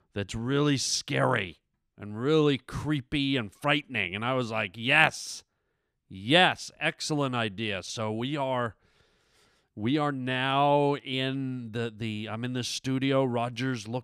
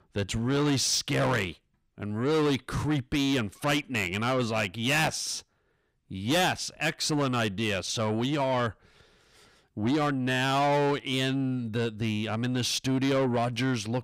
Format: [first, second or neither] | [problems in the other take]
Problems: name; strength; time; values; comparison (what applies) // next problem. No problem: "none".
first | distortion; heavy; 6 dB below the speech